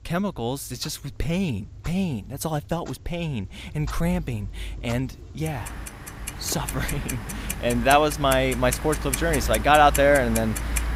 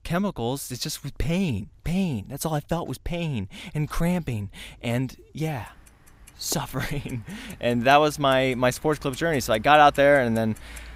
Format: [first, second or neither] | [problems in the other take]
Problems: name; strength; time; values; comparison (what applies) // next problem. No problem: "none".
second | household noises; loud; throughout; 7 dB below the speech; faint in the second